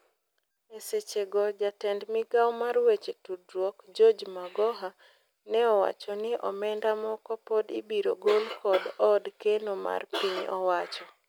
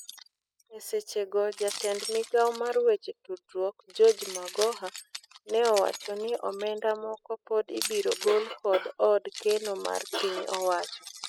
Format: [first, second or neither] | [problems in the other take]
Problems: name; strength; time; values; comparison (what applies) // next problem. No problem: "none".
first | noise reduction (classical method spectral subtraction)